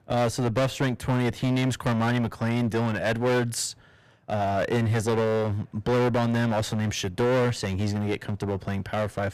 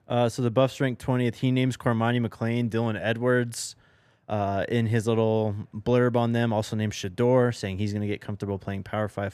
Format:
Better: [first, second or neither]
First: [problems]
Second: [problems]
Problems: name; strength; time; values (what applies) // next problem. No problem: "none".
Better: second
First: distortion; heavy; 17% of the sound clipped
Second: none